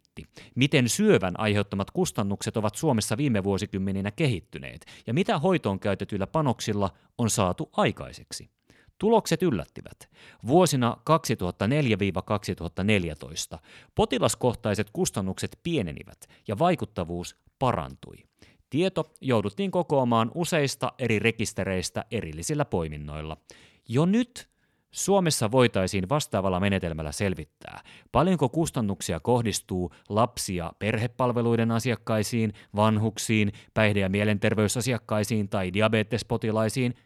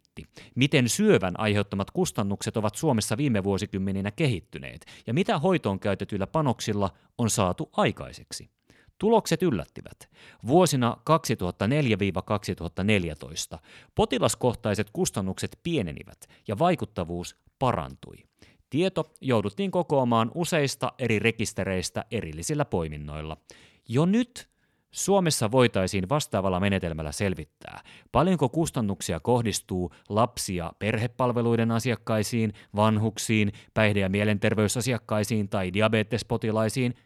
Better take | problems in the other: neither | none

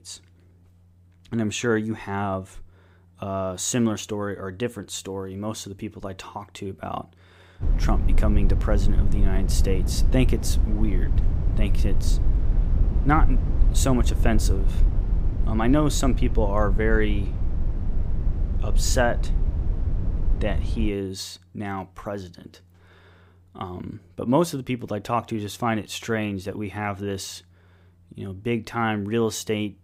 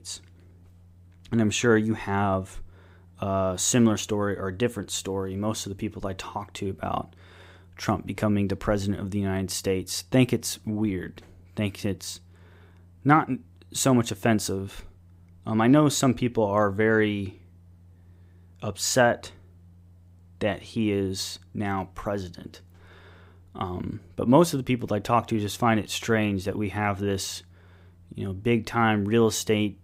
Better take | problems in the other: second | low rumble; noticeable; from 7.5 to 21 s; 10 dB below the speech

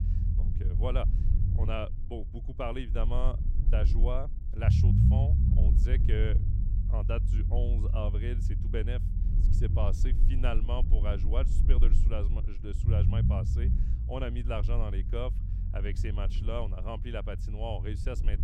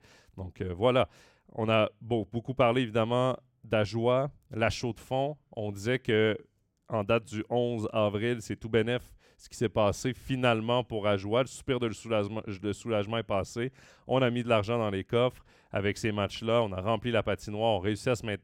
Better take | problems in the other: second | low rumble; loud; throughout; 6 dB below the speech

